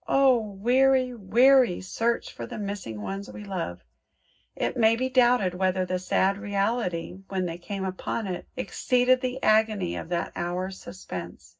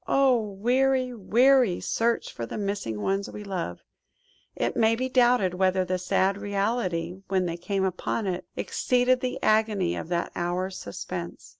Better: second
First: room echo; dies away in 0.4 s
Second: none

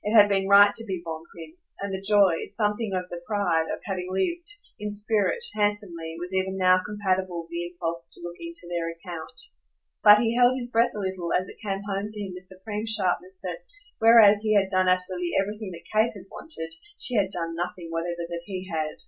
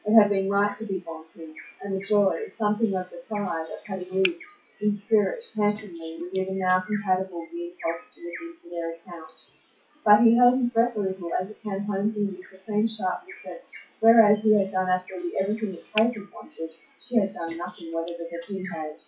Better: first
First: none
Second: noise reduction (classical method WPE with log-MMSE)

